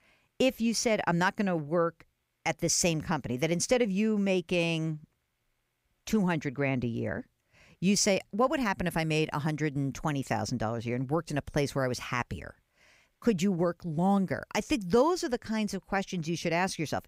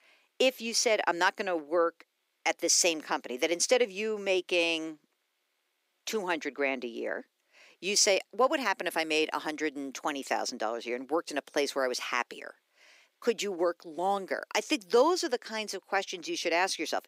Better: first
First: none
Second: thin; somewhat; fading below 300 Hz

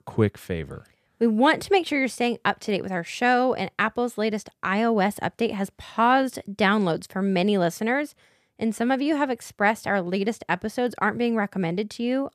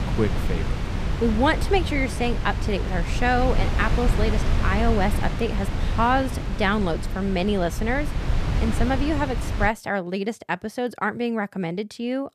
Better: first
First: none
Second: wind noise on the microphone; heavy; until 9.5 s; 8 dB below the speech

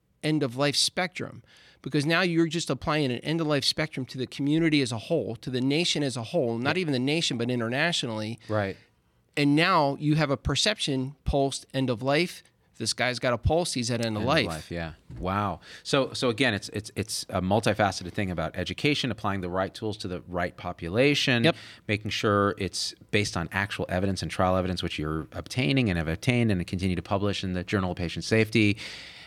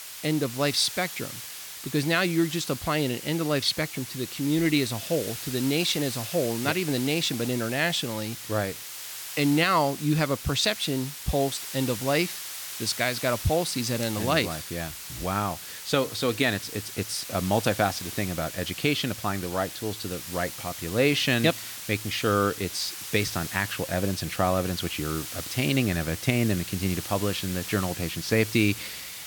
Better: first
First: none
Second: hiss; loud; throughout; 8 dB below the speech

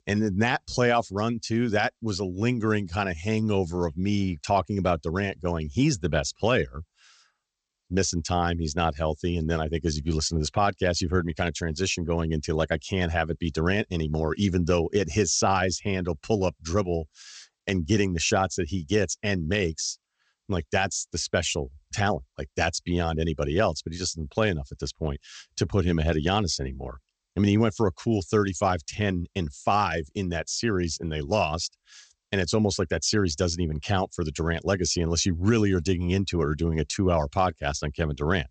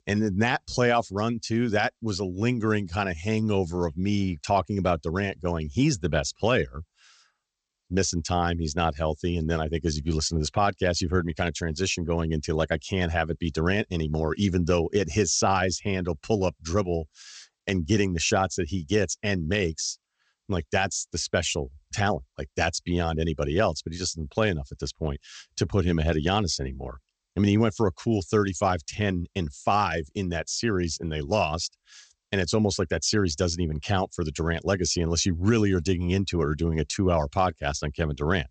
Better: neither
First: garbled, watery; slightly; nothing above 7.5 kHz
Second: garbled, watery; slightly; nothing above 7.5 kHz

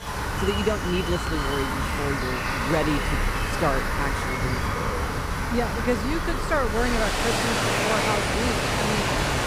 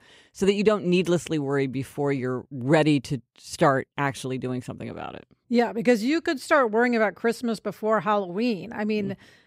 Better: second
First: rain or running water; very loud; throughout; 3 dB above the speech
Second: none

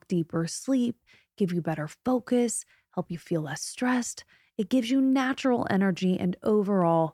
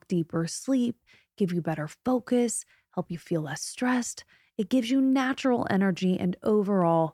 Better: neither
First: none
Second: none

